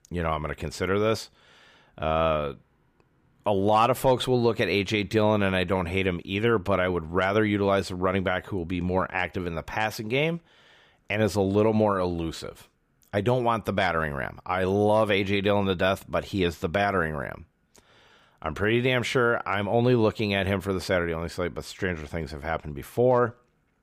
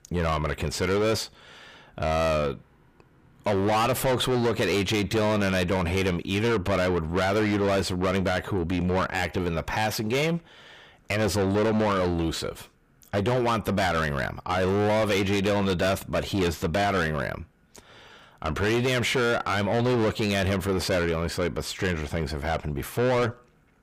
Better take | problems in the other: first | distortion; heavy; 7 dB below the speech

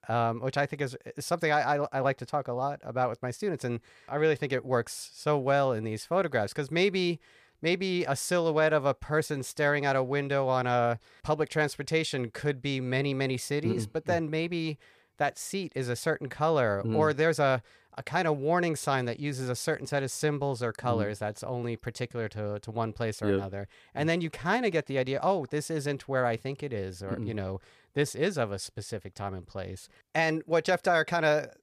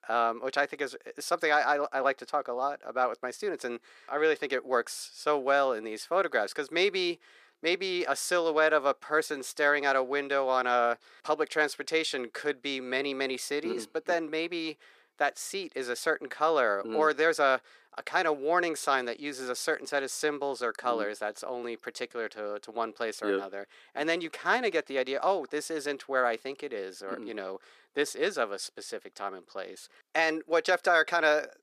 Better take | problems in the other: first | thin; somewhat; fading below 300 Hz

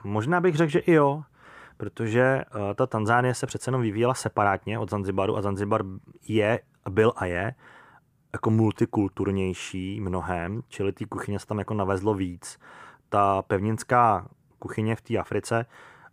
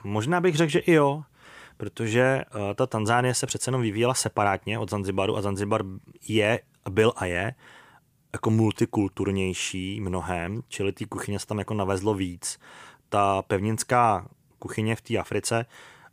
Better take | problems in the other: second | muffled; slightly; fading above 2 kHz

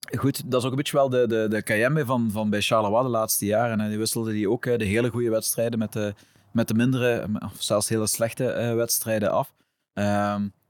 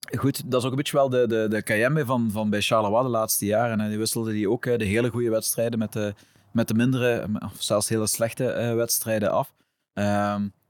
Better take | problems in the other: neither | none

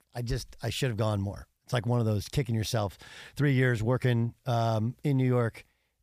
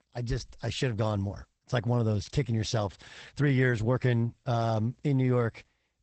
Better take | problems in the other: first | garbled, watery; badly; nothing above 8 kHz

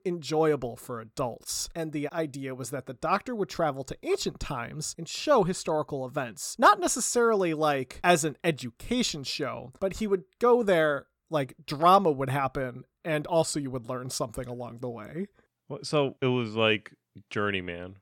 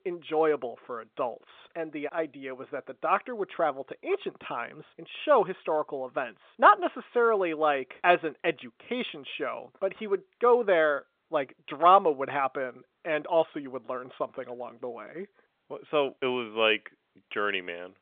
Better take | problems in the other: first | phone-call audio; nothing above 3.5 kHz

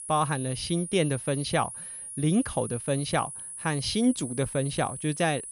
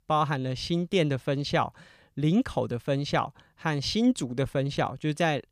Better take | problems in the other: second | high-pitched whine; loud; throughout; 10.5 kHz, 9 dB below the speech

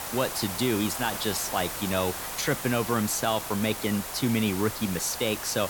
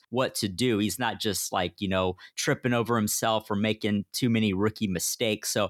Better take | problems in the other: second | hiss; loud; throughout; 5 dB below the speech

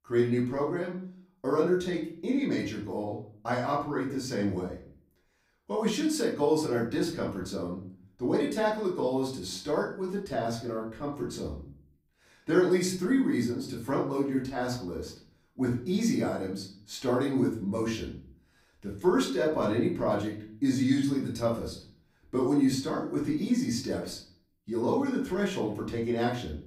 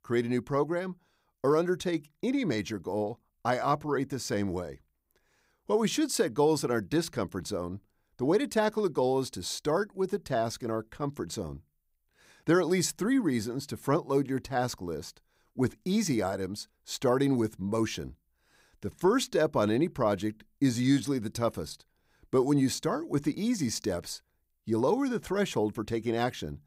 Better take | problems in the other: second | off-mic speech; far // room echo; slight; dies away in 0.5 s

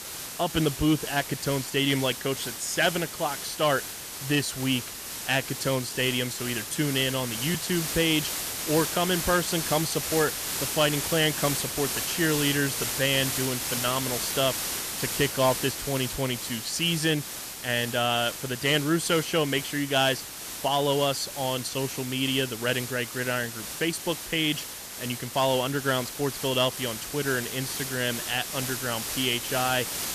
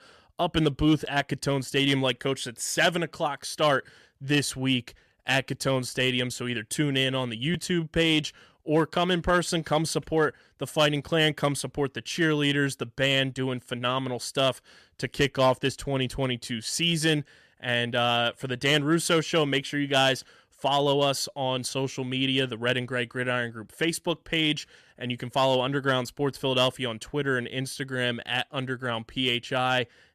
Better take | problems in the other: second | hiss; loud; throughout; 5 dB below the speech

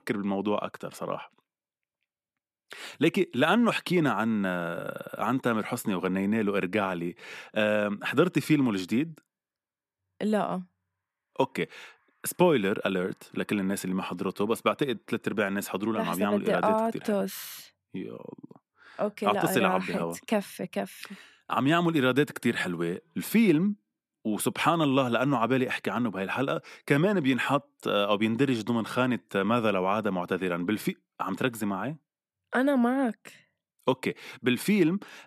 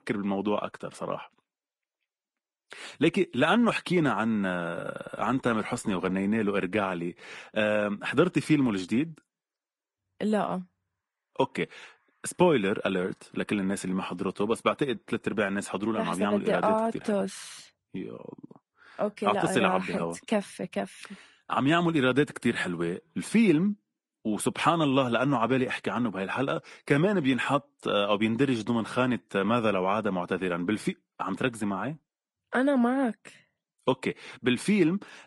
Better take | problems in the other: first | garbled, watery; slightly; nothing above 11 kHz

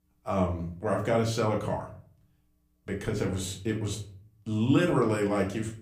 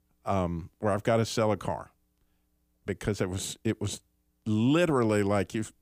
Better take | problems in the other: second | room echo; slight; dies away in 0.4 s // off-mic speech; somewhat distant

